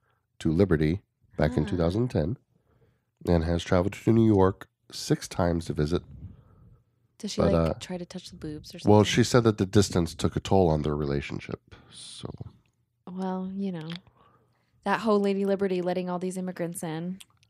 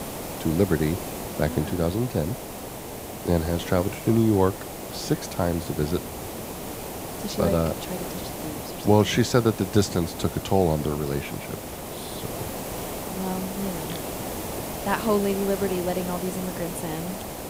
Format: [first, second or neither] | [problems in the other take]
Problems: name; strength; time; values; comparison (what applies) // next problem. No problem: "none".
first | hiss; loud; throughout; 8 dB below the speech